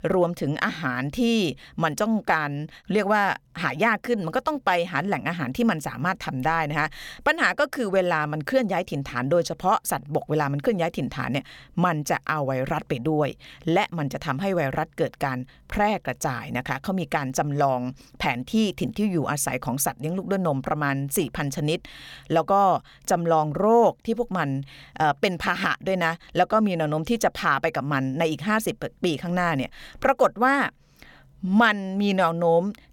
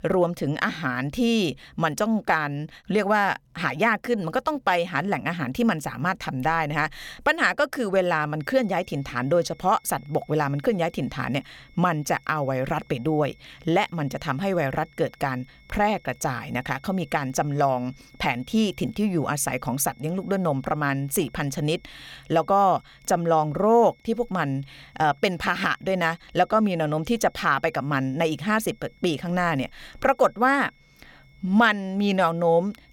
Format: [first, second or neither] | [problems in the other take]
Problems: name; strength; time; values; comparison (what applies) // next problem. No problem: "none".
first | high-pitched whine; faint; from 8.5 s on; 2 kHz, 30 dB below the speech